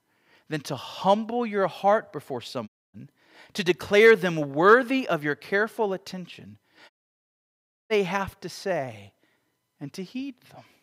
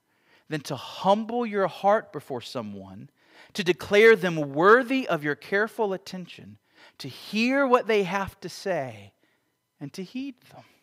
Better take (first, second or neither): second